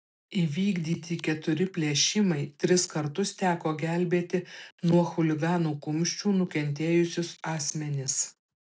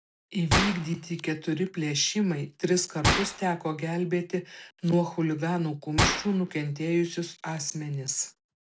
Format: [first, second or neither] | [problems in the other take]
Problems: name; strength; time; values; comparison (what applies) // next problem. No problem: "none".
first | background sound (Gunshot, gunfire); 4 dB below the speech